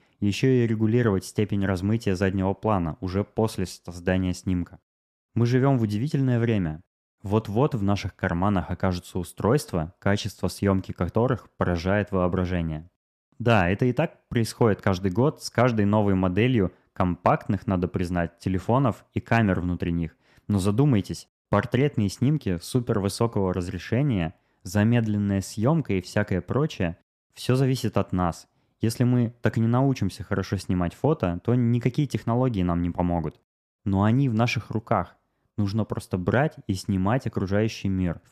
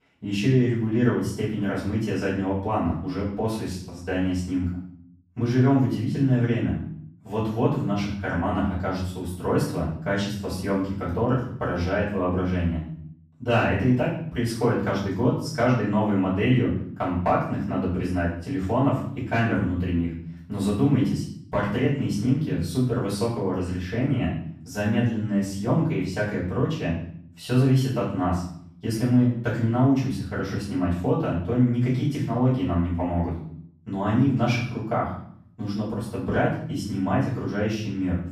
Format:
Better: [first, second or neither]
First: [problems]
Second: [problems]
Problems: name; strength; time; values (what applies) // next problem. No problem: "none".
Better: first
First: none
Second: room echo; noticeable; dies away in 0.5 s // off-mic speech; far